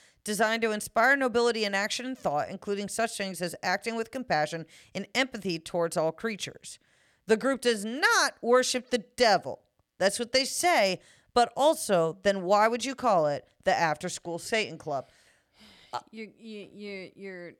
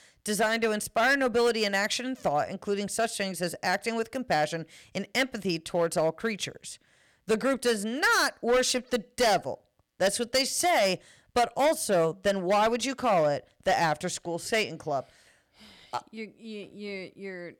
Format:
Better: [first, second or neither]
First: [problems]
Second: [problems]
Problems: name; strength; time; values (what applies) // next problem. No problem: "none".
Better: first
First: none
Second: distortion; slight; 6% of the sound clipped